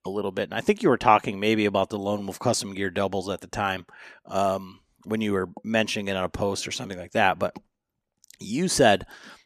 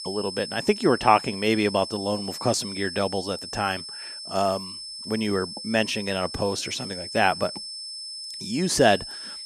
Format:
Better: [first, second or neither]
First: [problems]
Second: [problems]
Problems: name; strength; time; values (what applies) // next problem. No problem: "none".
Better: first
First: none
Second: high-pitched whine; loud; throughout; 5.5 kHz, 9 dB below the speech